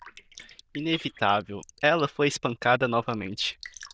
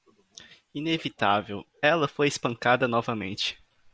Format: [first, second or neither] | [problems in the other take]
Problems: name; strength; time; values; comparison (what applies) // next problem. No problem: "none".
second | noise reduction (neural diffusion model UNIVERSE++)